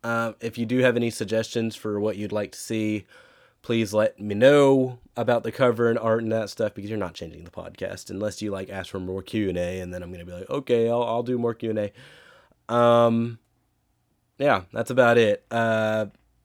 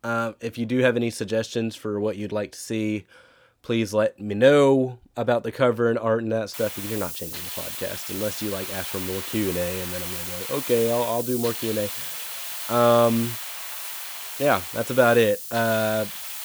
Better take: first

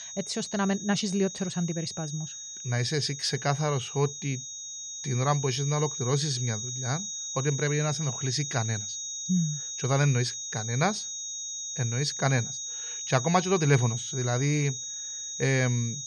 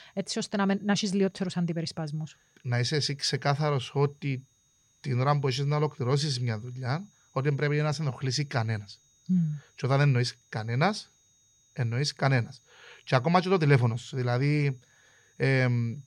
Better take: second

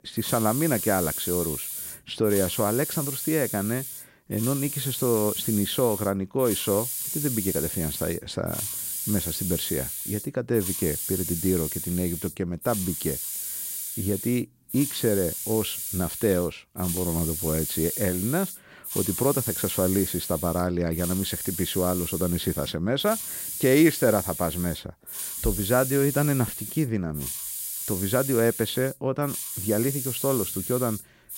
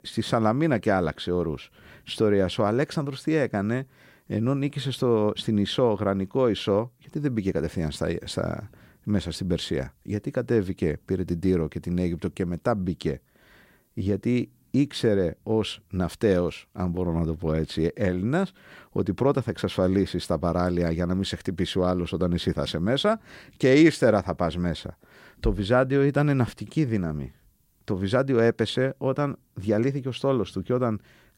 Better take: second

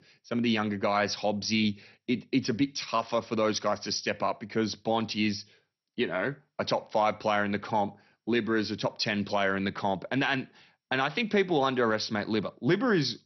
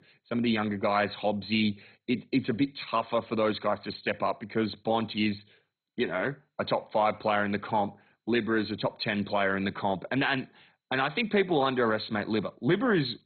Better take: first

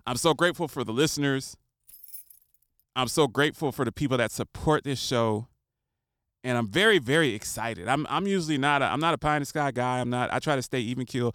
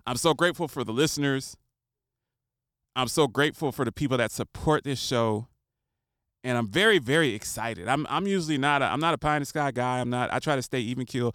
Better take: second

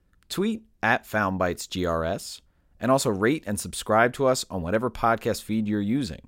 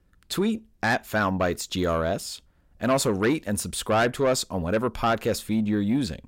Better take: first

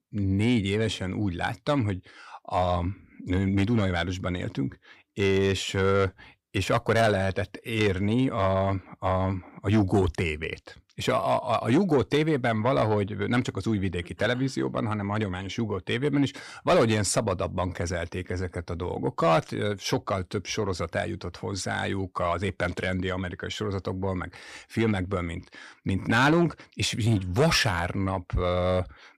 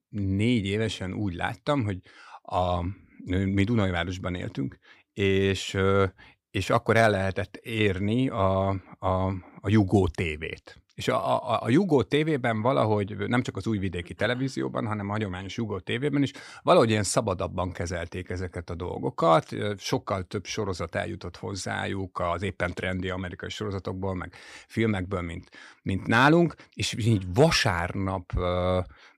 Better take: second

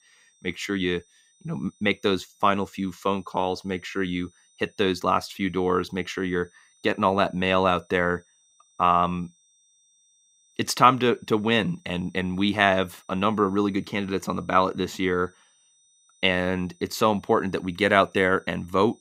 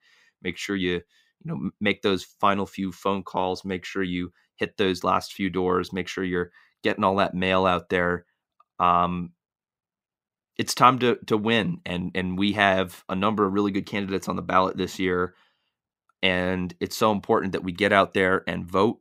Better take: second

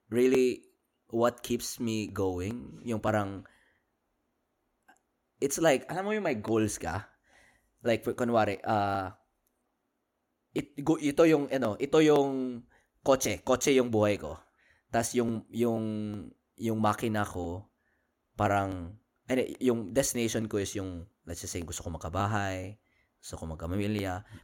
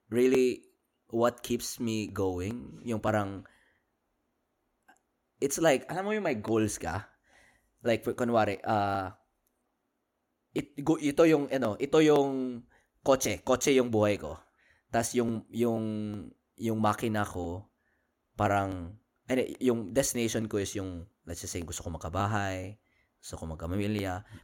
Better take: neither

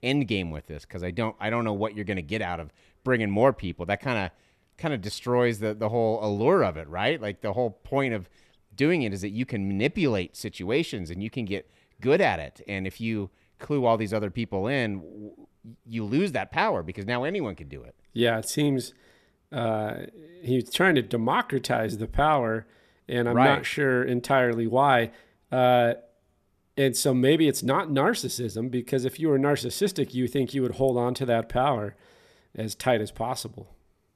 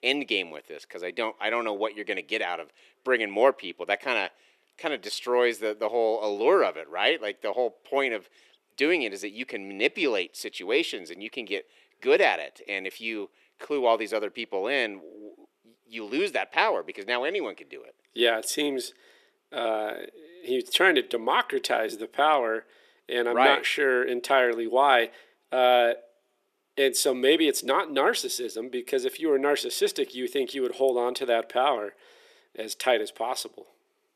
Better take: first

